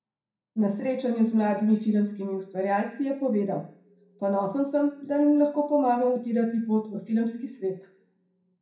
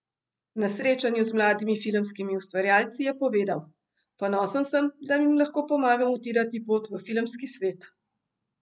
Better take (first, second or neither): second